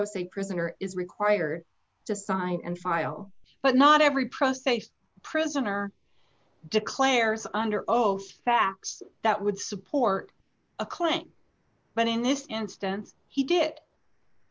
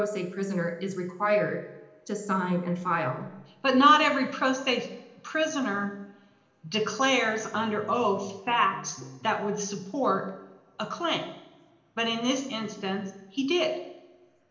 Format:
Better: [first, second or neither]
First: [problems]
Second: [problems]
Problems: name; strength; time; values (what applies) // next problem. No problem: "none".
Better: first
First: none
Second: background sound (Bass guitar); 19 dB below the speech // room echo; dies away in 0.8 s